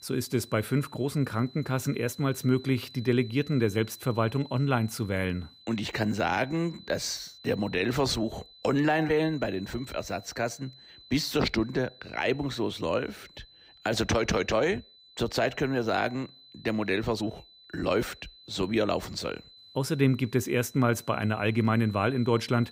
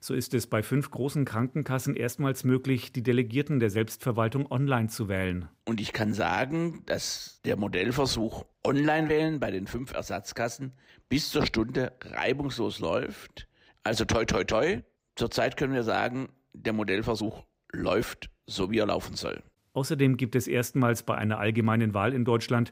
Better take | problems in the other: second | high-pitched whine; faint; throughout; 4 kHz, 20 dB below the speech

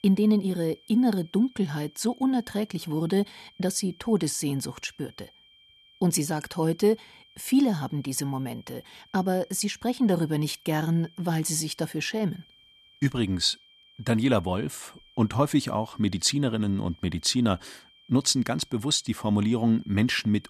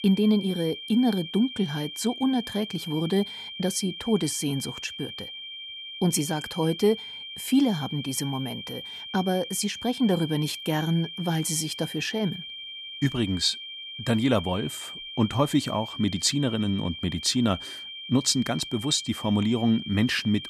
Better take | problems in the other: first | high-pitched whine; loud; throughout; 3 kHz, 10 dB below the speech; faint in the first

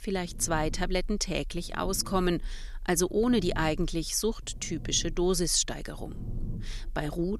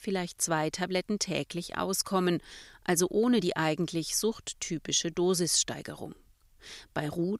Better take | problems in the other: second | low rumble; faint; throughout; 25 dB below the speech

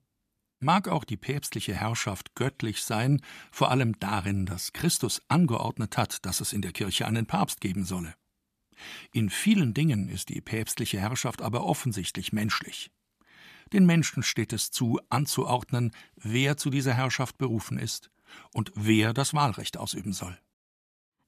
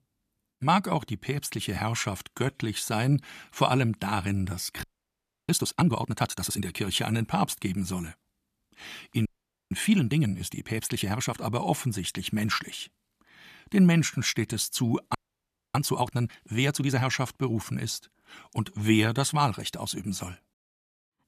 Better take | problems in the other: first | audio freezing; at 5 s for 0.5 s, at 9.5 s and at 15 s for 0.5 s

